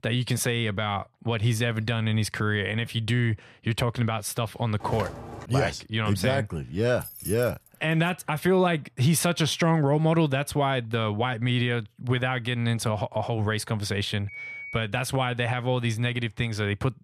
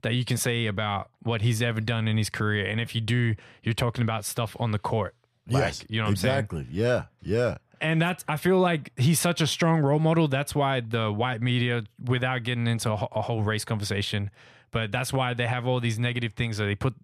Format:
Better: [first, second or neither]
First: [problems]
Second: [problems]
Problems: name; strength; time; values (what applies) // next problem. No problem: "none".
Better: second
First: footsteps; faint; at 5 s; peak 10 dB below the speech // jangling keys; faint; at 7 s; peak 10 dB below the speech // phone ringing; noticeable; at 14 s; peak 9 dB below the speech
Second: none